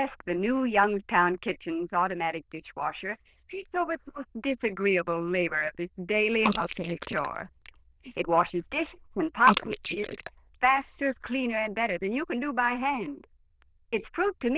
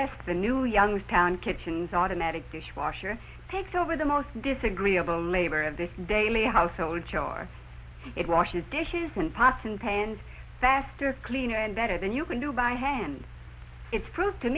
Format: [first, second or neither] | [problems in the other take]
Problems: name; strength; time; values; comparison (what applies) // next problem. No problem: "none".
second | noise reduction (neural diffusion model UNIVERSE++)